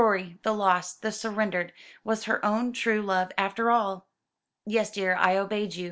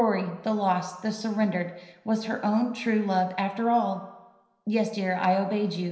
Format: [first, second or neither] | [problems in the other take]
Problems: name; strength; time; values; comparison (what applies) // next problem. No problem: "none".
first | room echo; dies away in 0.9 s